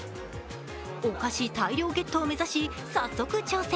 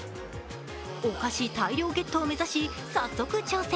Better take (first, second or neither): first